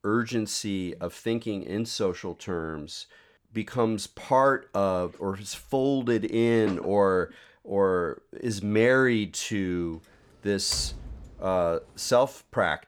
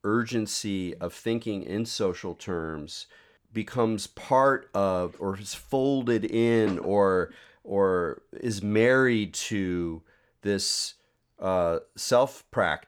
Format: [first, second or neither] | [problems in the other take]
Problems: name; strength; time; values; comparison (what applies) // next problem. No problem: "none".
second | door banging; faint; from 11 to 12 s; peak 10 dB below the speech